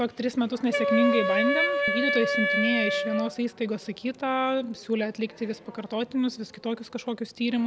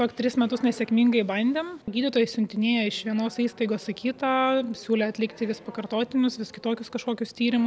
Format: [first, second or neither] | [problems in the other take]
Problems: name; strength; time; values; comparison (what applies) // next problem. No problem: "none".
second | background sound (Wind instrument, woodwind instrument); 1 dB above the speech